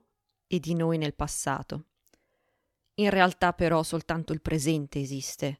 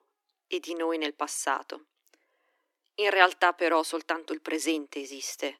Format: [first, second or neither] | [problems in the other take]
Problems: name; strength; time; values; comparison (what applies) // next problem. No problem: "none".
first | thin; very; fading below 300 Hz